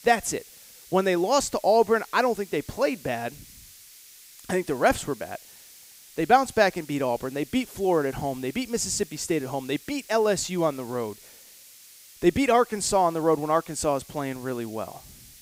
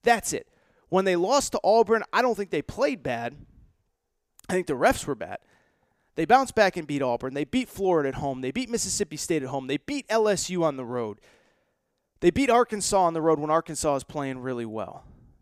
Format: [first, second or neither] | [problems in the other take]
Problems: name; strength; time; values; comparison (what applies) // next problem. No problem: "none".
second | hiss; faint; throughout; 20 dB below the speech